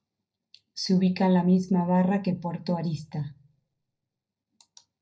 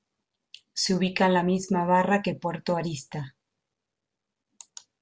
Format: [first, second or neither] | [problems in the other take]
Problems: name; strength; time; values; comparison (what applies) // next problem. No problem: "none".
second | room echo; dies away in 0.4 s